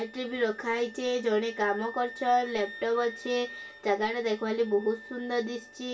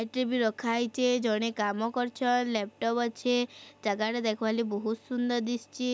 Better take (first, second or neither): second